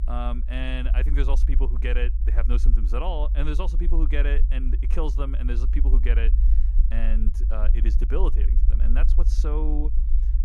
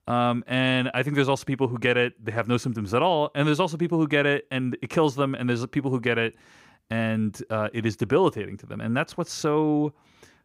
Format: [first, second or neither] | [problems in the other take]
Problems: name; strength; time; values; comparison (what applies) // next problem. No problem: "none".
second | low rumble; noticeable; throughout; 10 dB below the speech